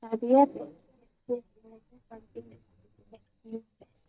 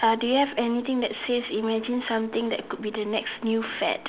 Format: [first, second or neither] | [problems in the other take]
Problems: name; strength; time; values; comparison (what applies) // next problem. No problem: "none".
second | noise reduction (neural mask model DeepFilterNet 3)